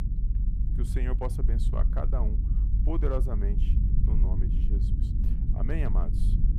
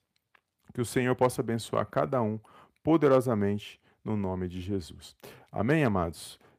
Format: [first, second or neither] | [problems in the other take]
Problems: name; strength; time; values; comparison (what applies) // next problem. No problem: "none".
second | low rumble; loud; throughout; 5 dB below the speech